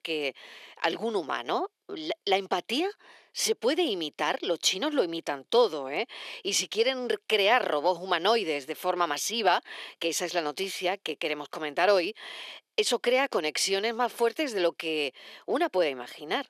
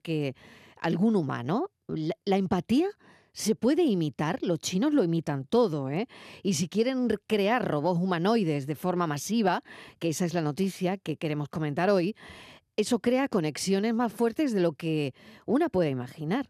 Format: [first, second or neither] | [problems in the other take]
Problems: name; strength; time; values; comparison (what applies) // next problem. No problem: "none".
second | thin; very; fading below 450 Hz